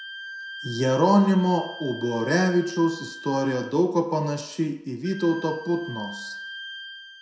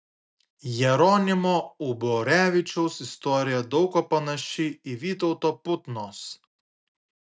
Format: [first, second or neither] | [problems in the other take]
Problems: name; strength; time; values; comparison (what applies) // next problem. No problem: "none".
second | background sound (Wind instrument, woodwind instrument); 15 dB below the speech // room echo; dies away in 0.6 s